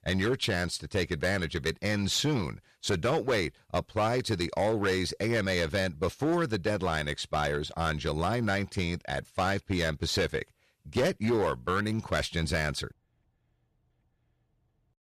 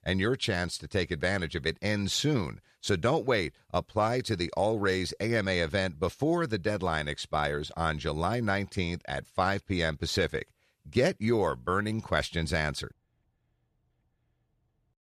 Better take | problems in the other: second | distortion; slight; 6% of the sound clipped

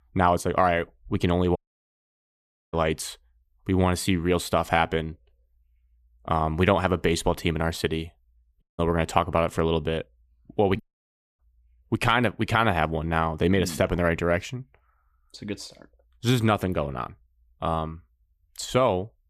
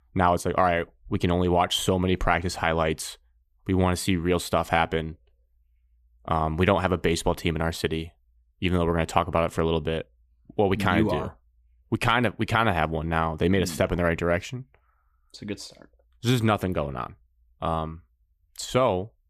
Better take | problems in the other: second | audio cutting out; at 1.5 s for 1 s, at 8.5 s and at 11 s for 0.5 s

